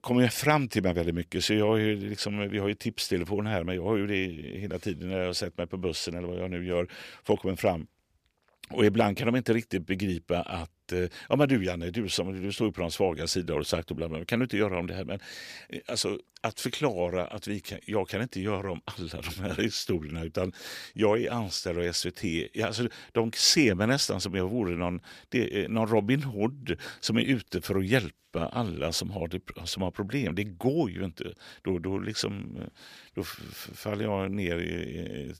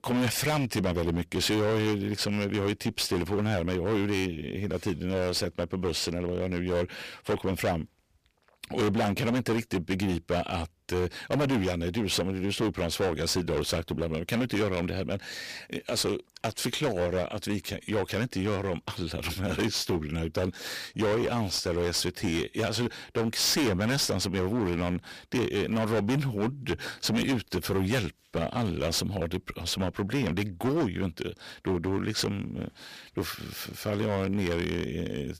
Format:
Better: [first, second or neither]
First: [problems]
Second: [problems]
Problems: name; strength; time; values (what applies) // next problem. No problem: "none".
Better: first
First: none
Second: distortion; heavy; 15% of the sound clipped